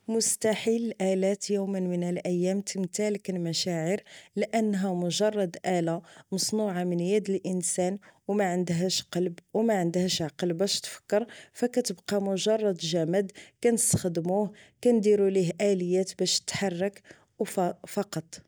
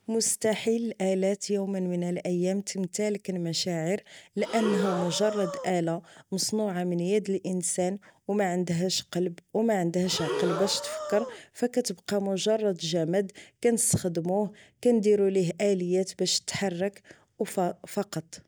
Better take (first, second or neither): first